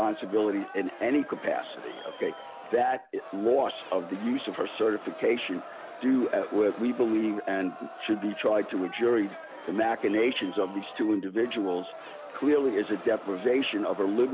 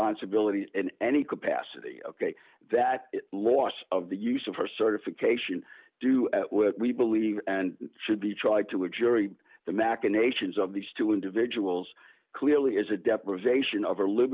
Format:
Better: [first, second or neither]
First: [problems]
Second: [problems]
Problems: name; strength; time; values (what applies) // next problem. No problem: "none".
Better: second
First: background sound (Crowd); 15 dB below the speech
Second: none